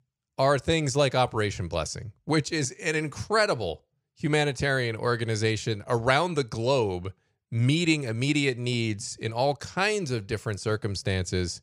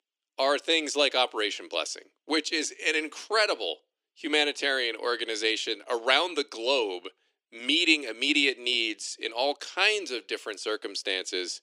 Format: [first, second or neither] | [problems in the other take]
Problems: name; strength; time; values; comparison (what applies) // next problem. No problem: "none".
first | thin; somewhat; fading below 300 Hz